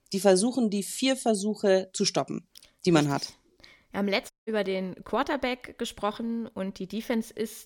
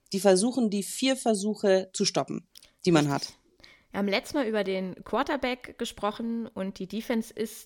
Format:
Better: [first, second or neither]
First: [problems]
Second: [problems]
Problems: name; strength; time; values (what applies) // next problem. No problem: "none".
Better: second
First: audio cutting out; at 4.5 s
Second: none